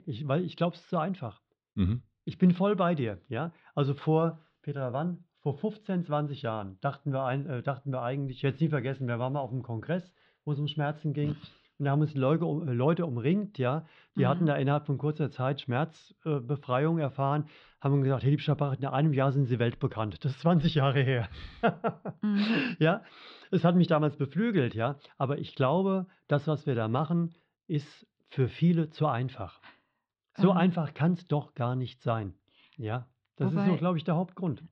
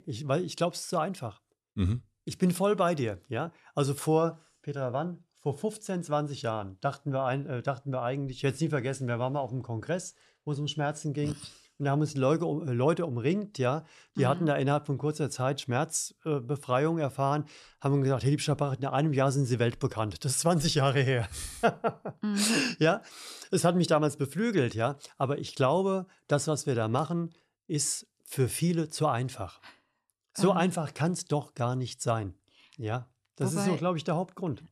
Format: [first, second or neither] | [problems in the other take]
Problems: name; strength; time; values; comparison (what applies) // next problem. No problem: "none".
second | muffled; very; fading above 4 kHz